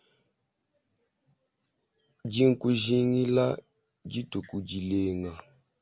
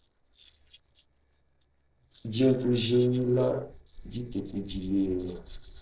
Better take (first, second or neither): first